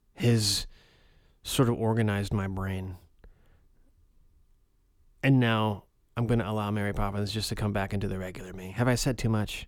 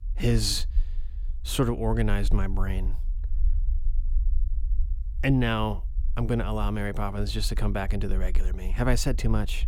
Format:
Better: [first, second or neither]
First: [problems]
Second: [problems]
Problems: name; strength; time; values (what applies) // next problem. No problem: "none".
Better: first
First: none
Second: low rumble; faint; throughout; 25 dB below the speech